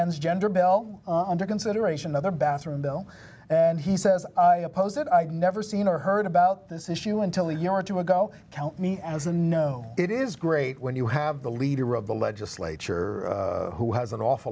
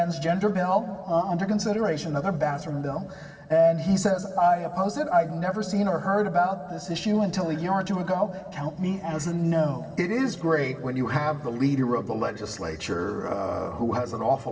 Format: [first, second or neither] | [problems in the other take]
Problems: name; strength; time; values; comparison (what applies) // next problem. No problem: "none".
first | room echo; dies away in 2.7 s